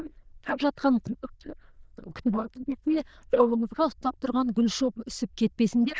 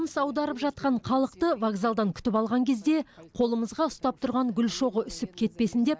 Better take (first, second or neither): second